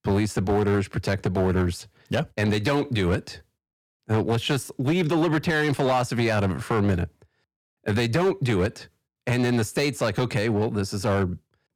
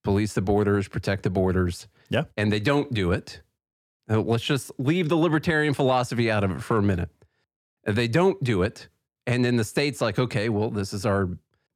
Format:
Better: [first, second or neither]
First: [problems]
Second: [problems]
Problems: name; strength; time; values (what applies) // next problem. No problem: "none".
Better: second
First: distortion; slight; 8% of the sound clipped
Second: none